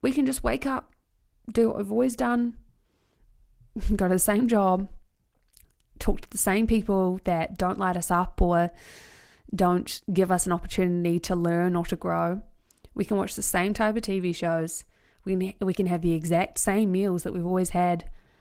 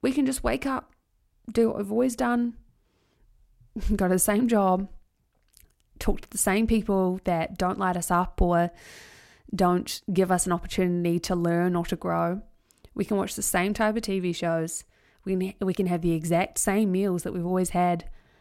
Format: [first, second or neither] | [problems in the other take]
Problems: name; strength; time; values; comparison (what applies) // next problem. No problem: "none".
second | garbled, watery; slightly; nothing above 16 kHz